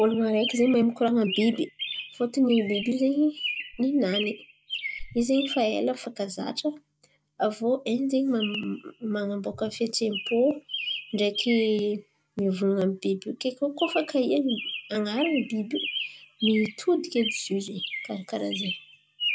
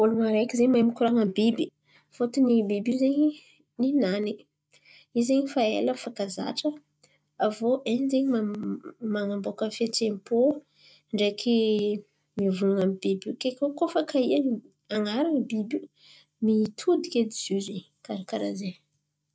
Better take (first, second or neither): second